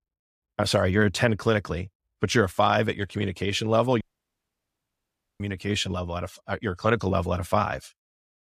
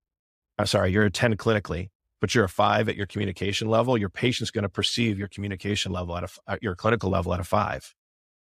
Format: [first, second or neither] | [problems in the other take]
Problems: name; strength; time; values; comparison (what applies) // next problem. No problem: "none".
second | audio cutting out; at 4 s for 1.5 s